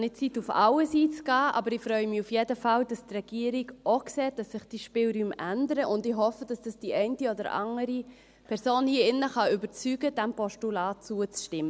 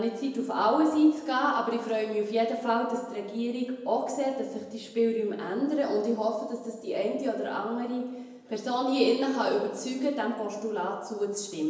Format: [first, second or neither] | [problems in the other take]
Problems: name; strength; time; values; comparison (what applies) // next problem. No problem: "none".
first | room echo; dies away in 0.9 s